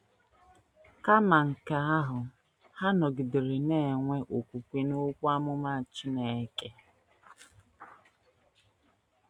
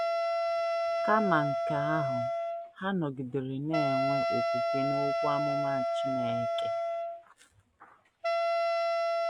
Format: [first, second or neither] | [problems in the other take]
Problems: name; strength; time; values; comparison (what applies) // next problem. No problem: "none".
first | background sound (Wind instrument, woodwind instrument); 5 dB above the speech